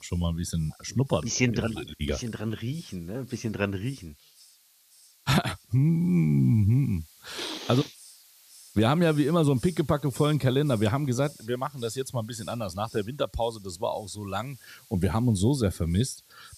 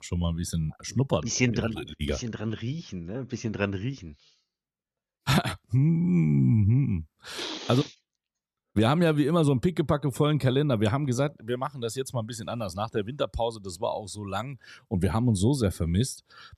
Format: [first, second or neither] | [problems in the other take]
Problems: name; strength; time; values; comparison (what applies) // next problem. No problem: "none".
second | hiss; faint; throughout; 25 dB below the speech